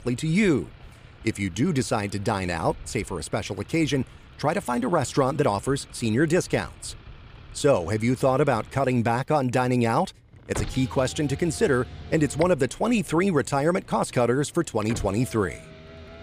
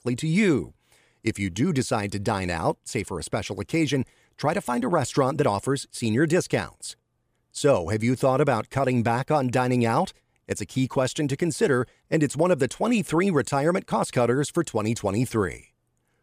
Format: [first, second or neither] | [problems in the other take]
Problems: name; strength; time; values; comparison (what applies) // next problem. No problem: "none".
second | traffic noise; noticeable; throughout; 20 dB below the speech